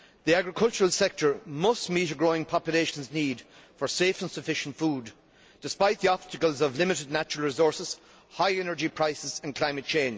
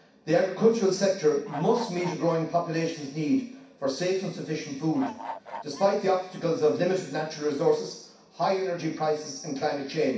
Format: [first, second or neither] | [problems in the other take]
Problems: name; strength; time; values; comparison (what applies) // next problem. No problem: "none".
first | background sound (Bird / Fowl); 11 dB below the speech // room echo; dies away in 0.6 s